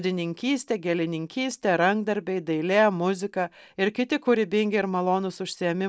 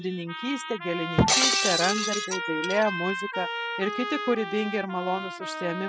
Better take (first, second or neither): first